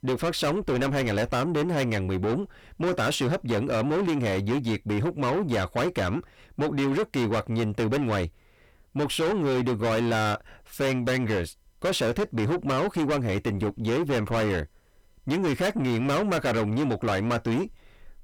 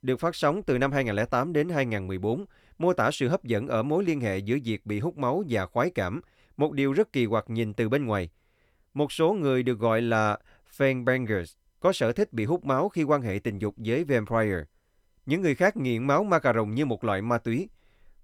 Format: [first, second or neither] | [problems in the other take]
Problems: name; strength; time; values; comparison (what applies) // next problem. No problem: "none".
second | distortion; heavy; 6 dB below the speech